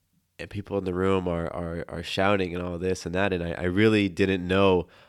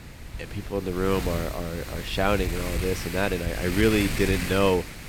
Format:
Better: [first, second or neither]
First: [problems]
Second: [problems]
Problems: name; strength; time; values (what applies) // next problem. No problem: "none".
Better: first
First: none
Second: wind noise on the microphone; heavy; 7 dB below the speech